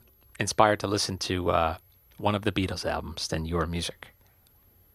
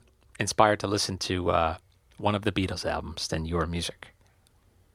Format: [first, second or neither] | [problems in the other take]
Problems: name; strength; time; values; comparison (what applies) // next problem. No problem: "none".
second | high-pitched whine; faint; throughout; 11.5 kHz, 35 dB below the speech